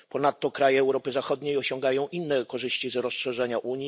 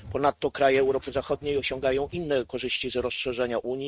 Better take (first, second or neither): first